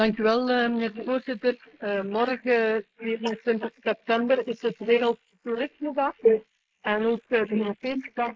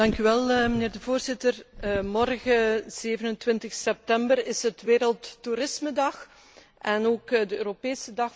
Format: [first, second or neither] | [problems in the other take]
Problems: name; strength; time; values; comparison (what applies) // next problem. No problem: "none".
second | noise reduction (neural mask model Resemble Enhance denoiser)